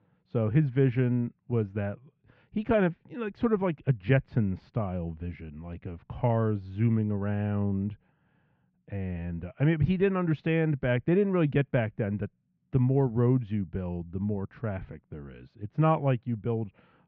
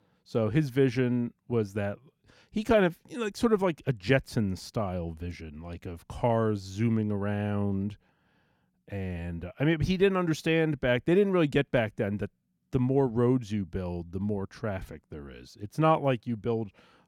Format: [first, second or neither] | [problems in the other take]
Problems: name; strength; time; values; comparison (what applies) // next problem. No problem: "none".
second | muffled; very; fading above 2.5 kHz